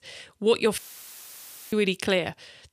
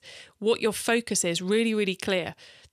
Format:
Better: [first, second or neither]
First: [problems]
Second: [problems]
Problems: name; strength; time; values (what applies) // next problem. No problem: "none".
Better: second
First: audio cutting out; filled with static; at 1 s for 1 s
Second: none